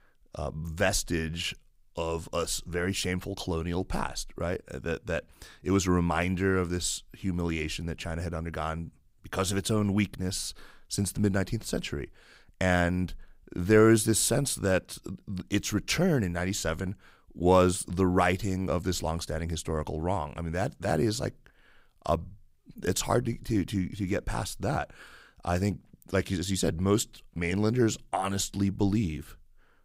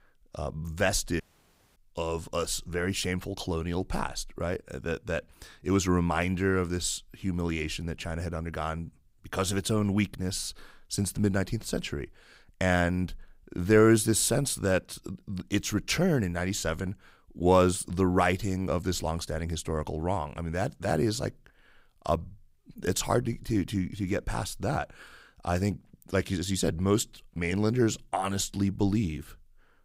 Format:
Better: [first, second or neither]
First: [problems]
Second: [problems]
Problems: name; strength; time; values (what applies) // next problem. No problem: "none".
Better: first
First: none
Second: audio cutting out; at 1 s for 0.5 s